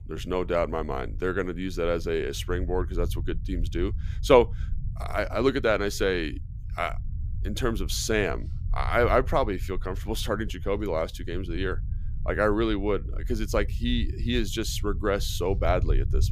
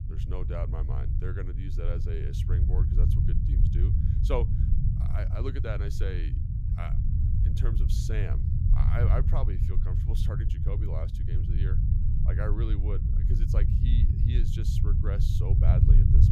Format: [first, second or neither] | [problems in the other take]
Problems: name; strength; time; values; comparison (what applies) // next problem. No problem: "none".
first | low rumble; loud; throughout; 1 dB below the speech; faint in the first